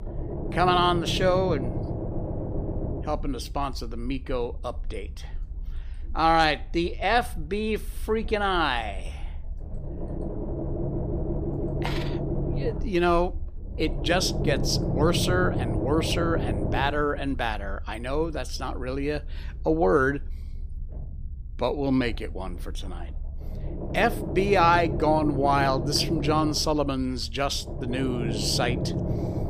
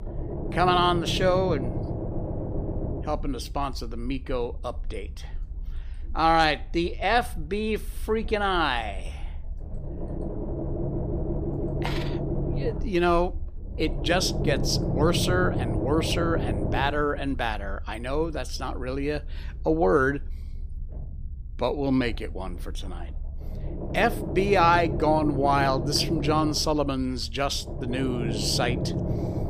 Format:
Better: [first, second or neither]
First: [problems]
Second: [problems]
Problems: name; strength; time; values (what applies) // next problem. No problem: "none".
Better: neither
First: low rumble; loud; throughout; 10 dB below the speech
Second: low rumble; loud; throughout; 10 dB below the speech